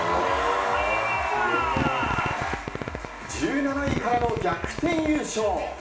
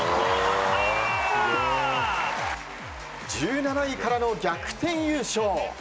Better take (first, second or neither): second